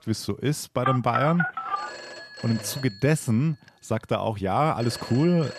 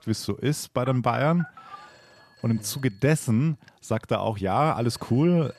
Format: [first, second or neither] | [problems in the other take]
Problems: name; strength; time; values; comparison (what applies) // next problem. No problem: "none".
second | alarms or sirens; loud; throughout; 7 dB below the speech; faint in the second